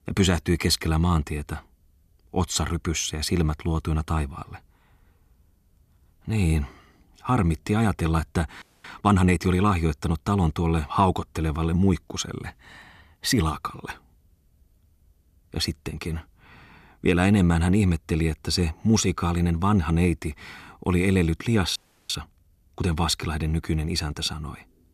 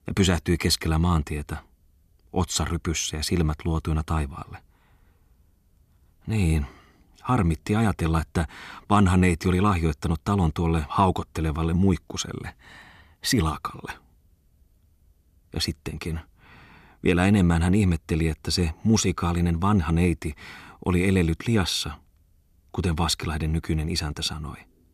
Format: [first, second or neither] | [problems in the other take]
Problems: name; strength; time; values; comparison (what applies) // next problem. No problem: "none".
second | audio freezing; at 8.5 s and at 22 s